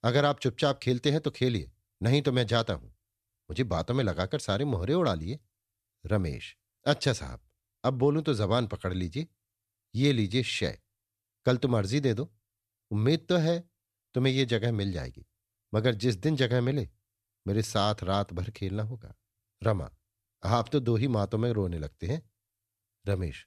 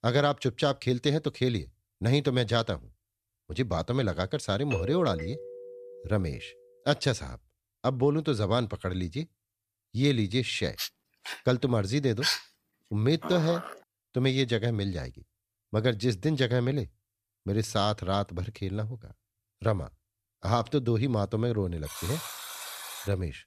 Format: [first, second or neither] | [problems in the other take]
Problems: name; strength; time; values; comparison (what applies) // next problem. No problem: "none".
first | doorbell; noticeable; from 4.5 to 6.5 s; peak 6 dB below the speech // dog barking; loud; from 11 to 14 s; peak 1 dB above the speech // alarm; noticeable; from 22 s on; peak 7 dB below the speech